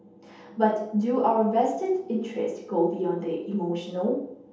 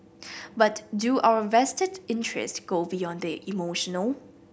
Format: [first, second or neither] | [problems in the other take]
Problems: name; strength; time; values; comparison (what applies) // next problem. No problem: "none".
second | room echo; dies away in 0.7 s